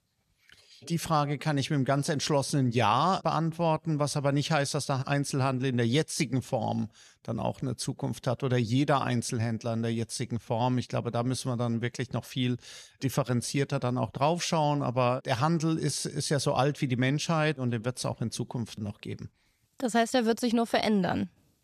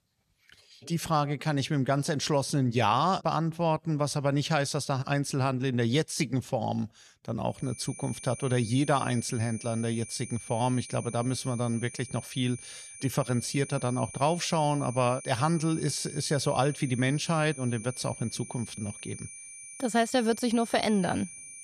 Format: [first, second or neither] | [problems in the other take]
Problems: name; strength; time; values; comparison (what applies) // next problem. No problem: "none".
first | high-pitched whine; noticeable; from 7.5 s on; 9.5 kHz, 15 dB below the speech